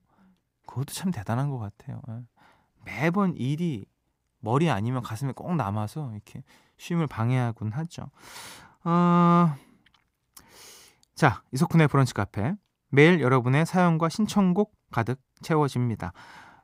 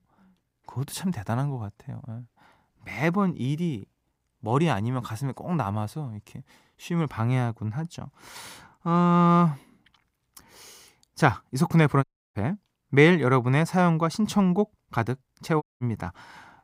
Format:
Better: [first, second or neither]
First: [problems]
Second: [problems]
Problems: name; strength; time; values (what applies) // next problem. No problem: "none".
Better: first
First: none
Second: audio cutting out; at 12 s and at 16 s